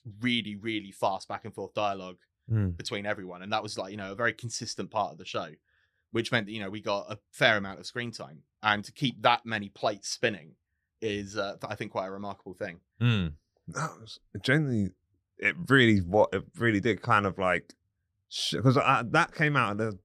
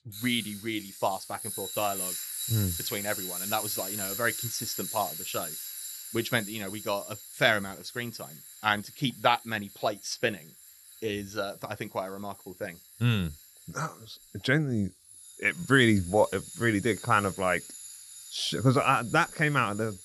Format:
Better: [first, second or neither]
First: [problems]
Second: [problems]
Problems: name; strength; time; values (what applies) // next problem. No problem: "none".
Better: first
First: none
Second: machinery noise; loud; throughout; 8 dB below the speech